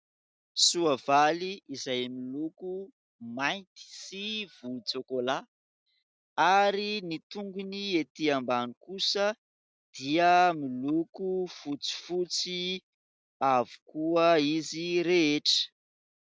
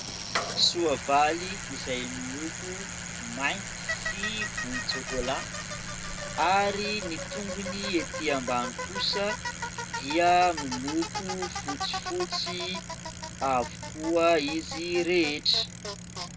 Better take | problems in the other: first | background sound (Bicycle); 6 dB below the speech // room echo; dies away in 0.2 s

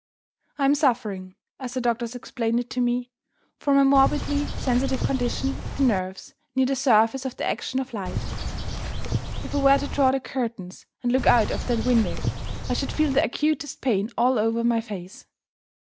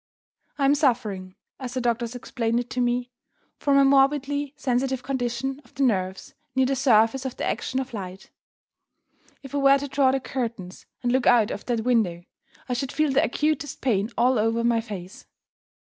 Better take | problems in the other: second | background sound (Bird); 3 dB below the speech

